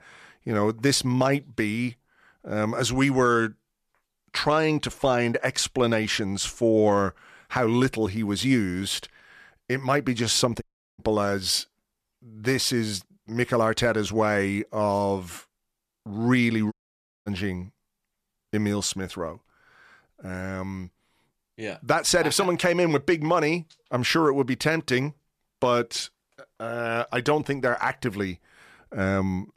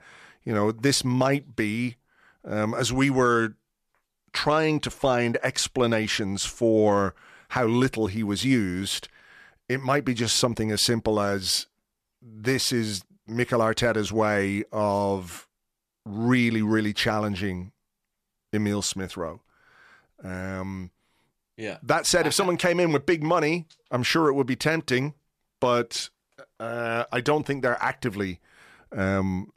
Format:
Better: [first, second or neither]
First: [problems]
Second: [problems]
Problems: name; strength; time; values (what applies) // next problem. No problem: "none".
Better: second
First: audio cutting out; at 11 s and at 17 s for 0.5 s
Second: none